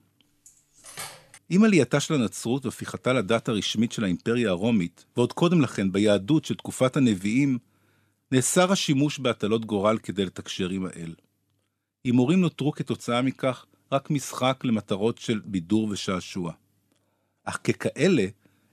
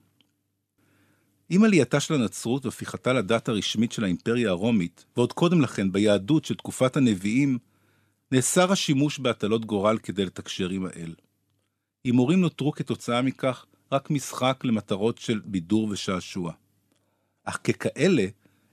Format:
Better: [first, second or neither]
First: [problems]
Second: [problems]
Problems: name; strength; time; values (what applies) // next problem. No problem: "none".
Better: second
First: clattering dishes; faint; at 0.5 s; peak 15 dB below the speech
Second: none